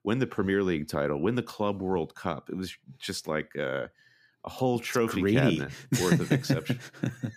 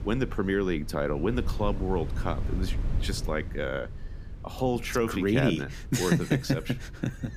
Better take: first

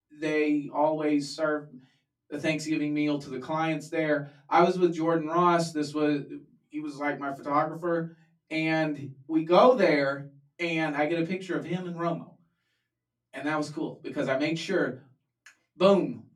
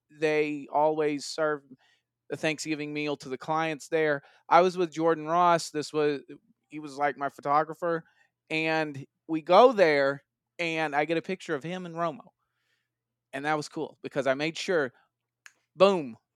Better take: second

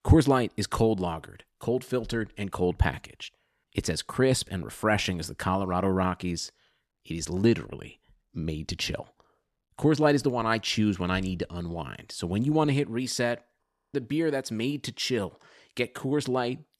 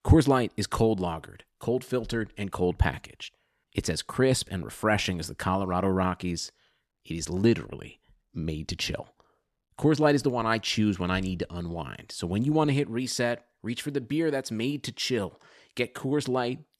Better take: second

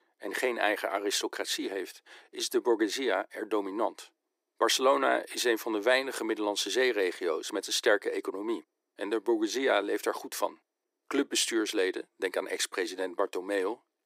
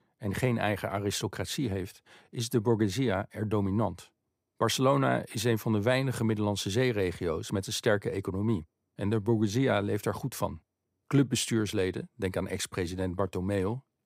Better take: second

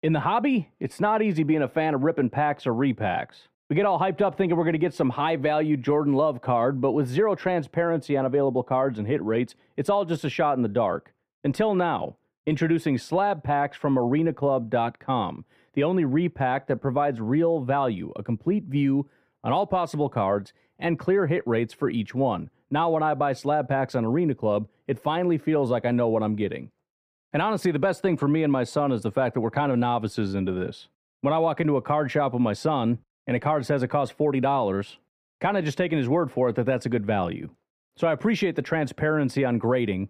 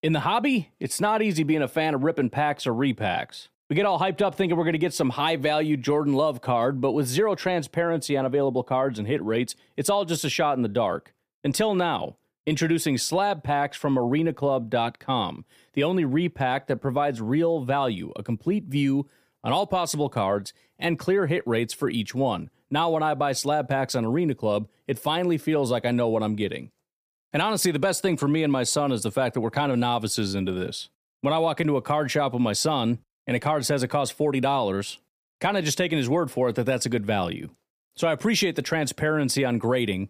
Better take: second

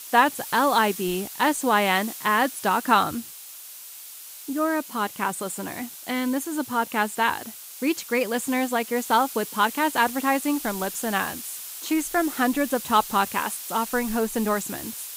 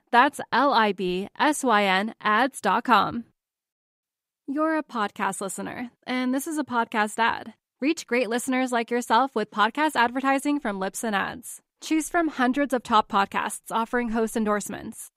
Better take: second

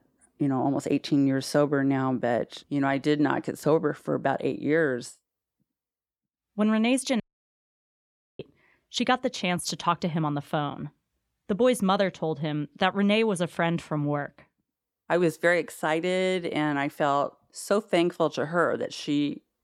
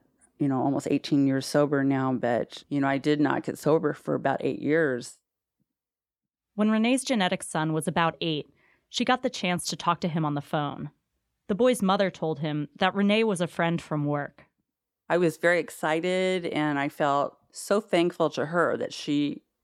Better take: second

